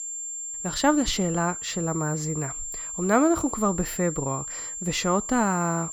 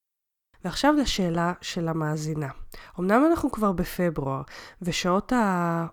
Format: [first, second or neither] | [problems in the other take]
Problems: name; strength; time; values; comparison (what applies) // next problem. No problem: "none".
second | high-pitched whine; loud; throughout; 7.5 kHz, 6 dB below the speech